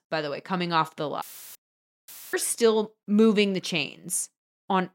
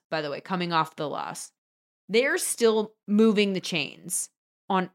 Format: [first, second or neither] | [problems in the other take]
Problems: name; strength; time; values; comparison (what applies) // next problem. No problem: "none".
second | audio cutting out; filled with static; at 1 s and at 2 s